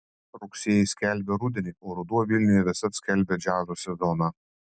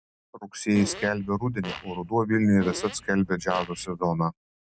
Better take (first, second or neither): first